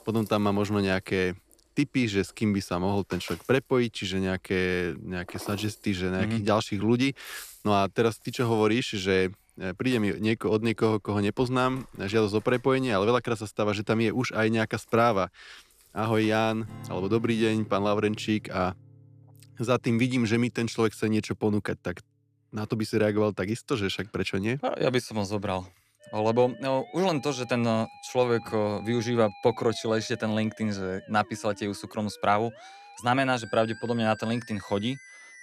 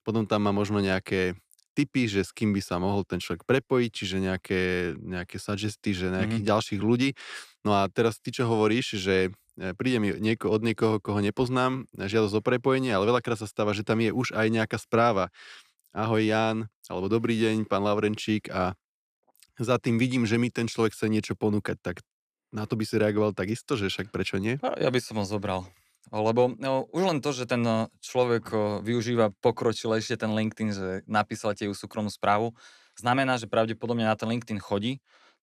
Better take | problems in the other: second | background music; faint; throughout; 20 dB below the speech

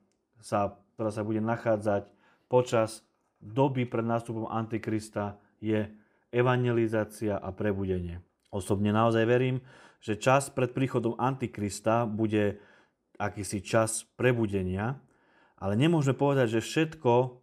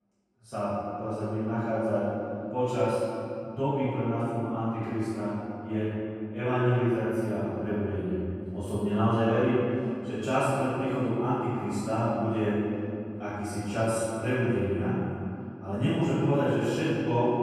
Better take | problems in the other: first | room echo; strong; dies away in 2.6 s // off-mic speech; far

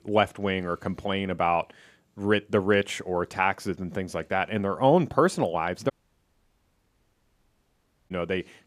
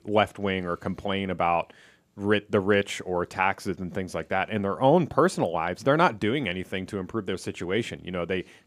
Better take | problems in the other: second | audio cutting out; at 6 s for 2 s

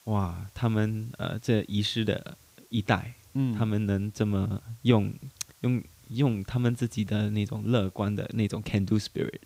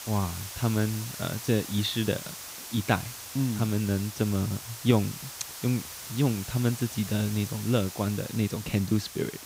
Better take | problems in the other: first | hiss; loud; throughout; 9 dB below the speech; faint in the first

